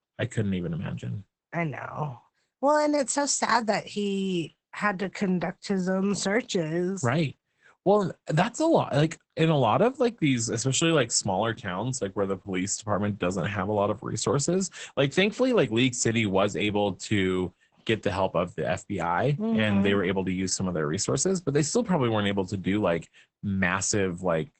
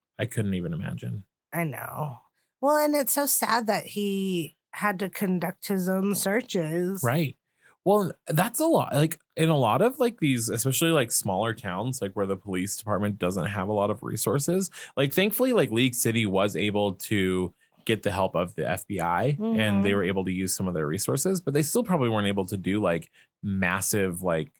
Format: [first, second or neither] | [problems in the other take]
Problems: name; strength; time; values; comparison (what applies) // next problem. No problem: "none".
second | garbled, watery; badly; nothing above 8 kHz; slightly in the second